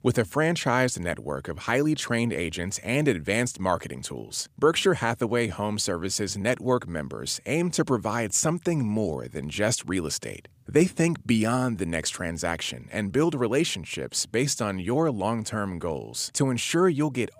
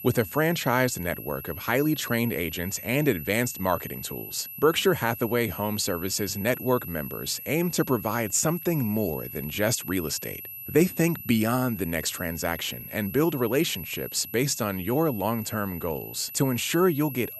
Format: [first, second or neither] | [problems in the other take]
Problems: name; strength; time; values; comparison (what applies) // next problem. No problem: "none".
first | high-pitched whine; noticeable; throughout; 12 kHz, 10 dB below the speech